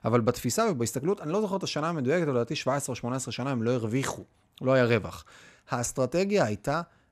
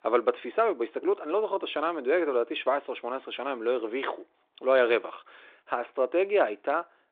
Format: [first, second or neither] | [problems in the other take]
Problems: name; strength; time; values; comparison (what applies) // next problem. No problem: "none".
first | phone-call audio